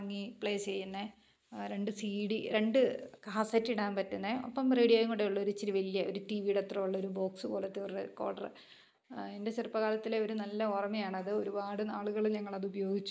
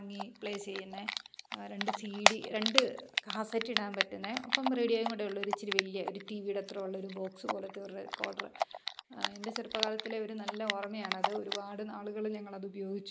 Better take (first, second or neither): first